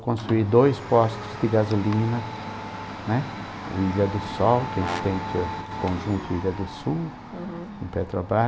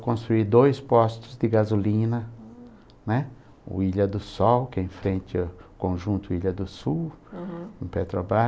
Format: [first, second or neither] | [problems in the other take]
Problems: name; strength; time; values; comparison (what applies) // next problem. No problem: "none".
second | background sound (Domestic sounds, home sounds + Brass instrument); 9 dB below the speech